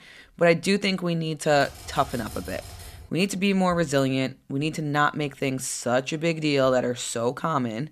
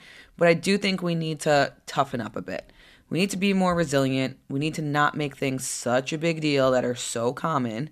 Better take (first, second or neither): second